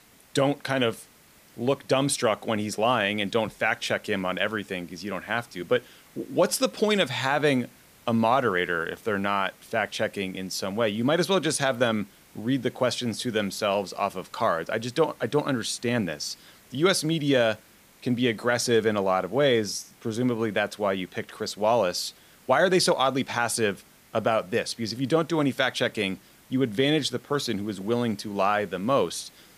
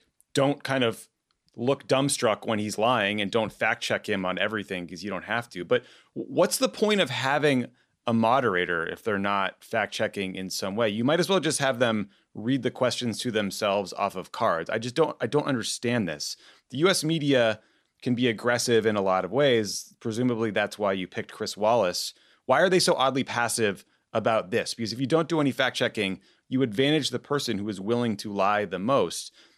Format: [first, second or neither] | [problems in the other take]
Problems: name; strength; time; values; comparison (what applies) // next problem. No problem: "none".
second | hiss; faint; throughout; 30 dB below the speech